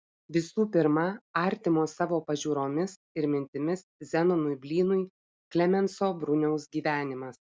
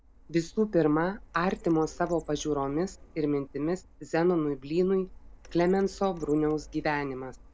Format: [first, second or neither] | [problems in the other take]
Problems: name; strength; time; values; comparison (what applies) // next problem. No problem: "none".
first | background sound (Printer); 20 dB below the speech